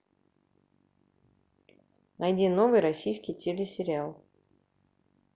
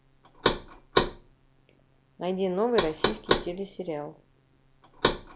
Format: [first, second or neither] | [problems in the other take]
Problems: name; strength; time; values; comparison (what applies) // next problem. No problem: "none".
first | background sound (Knock); 2 dB above the speech